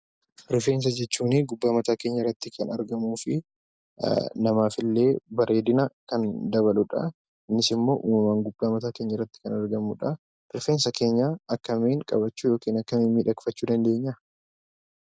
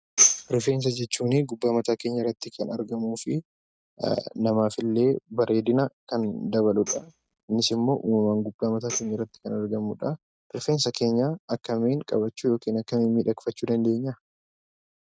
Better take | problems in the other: first | noise reduction (neural mask model RNNoise)

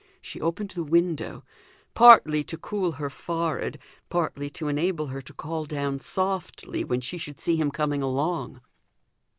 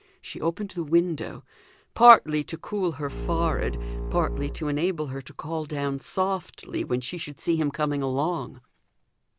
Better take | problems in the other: first | background sound (Bowed string instrument); 4 dB below the speech

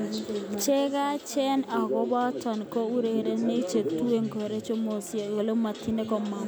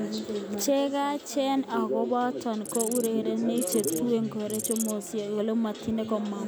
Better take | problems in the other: first | background sound (Insect); 9 dB below the speech

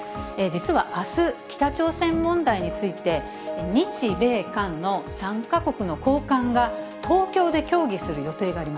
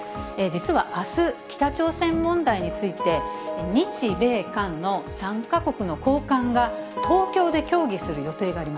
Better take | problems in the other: first | background sound (Guitar); 14 dB below the speech

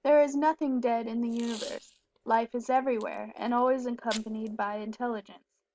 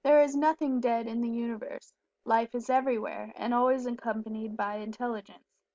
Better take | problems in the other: second | background sound (Packing tape, duct tape); 19 dB below the speech

